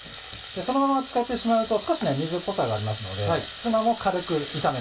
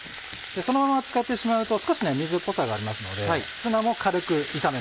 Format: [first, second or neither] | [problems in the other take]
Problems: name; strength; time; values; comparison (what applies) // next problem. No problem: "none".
second | room echo; dies away in 0.2 s